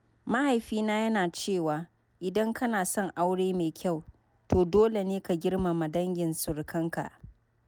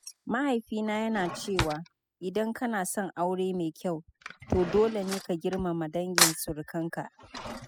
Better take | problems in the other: first | noise reduction (classical method spectral subtraction)

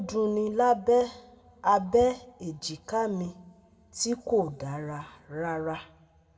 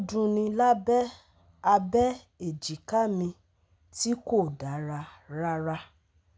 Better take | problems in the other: second | room echo; dies away in 0.4 s

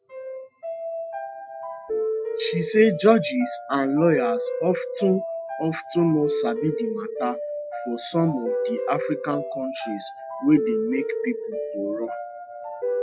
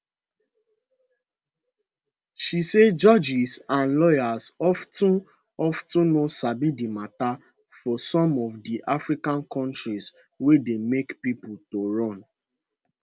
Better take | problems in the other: second | noise reduction (classical method Wiener filter)

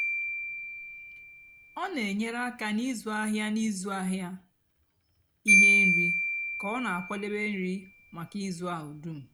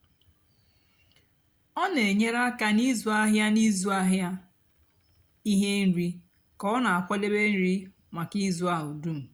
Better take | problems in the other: second | background sound (Marimba, xylophone); 3 dB above the speech

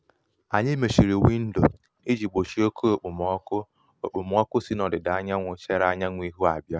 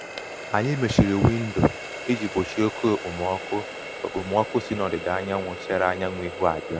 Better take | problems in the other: first | background sound (Water tap, faucet); 10 dB below the speech

